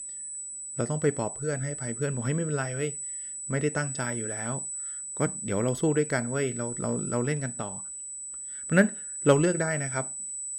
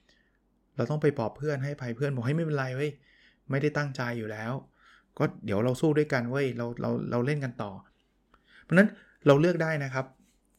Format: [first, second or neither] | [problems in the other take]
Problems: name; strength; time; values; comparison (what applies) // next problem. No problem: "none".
second | high-pitched whine; loud; throughout; 8 kHz, 5 dB below the speech